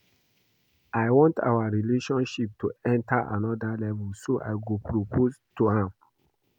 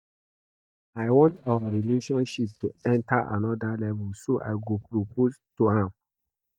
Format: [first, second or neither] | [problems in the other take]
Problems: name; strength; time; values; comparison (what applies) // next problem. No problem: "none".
first | noise reduction (neural mask model DeepFilterNet 3)